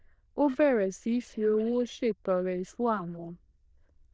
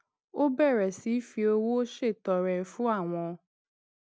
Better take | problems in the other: second | noise reduction (neural diffusion model UNIVERSE++)

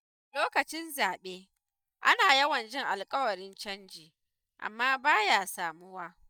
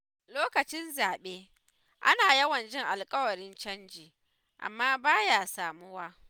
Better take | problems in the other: second | noise reduction (neural mask model DeepFilterNet 3)

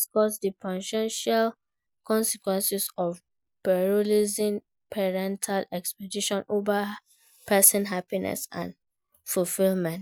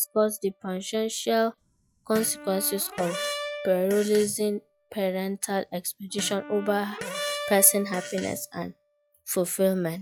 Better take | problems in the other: first | noise reduction (classical method log-MMSE)

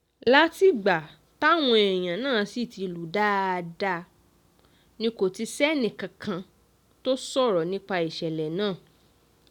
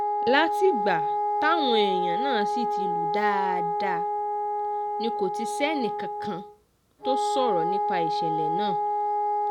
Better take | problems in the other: first | background sound (Wind instrument, woodwind instrument); 3 dB above the speech

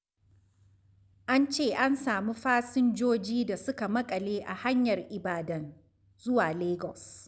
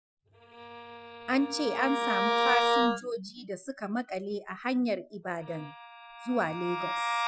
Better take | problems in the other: first | noise reduction (classical method Wiener filter)

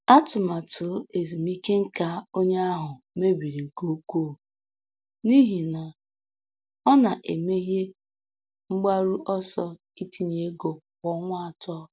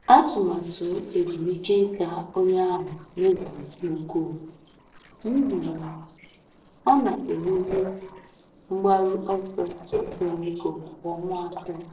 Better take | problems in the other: first | noise reduction (neural separator model SepFormer DNS4)

